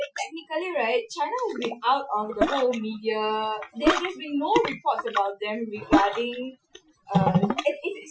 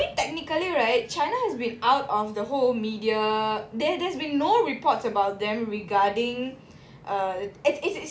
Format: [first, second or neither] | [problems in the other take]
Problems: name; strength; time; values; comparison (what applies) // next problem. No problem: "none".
second | noise reduction (classical method Wiener filter)